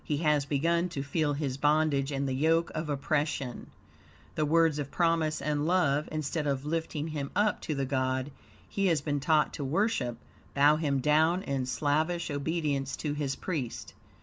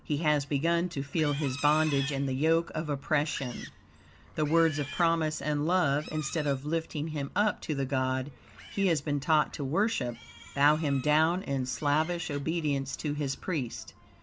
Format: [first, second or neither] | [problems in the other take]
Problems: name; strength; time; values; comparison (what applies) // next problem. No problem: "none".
first | background sound (Livestock, farm animals, working animals); 18 dB below the speech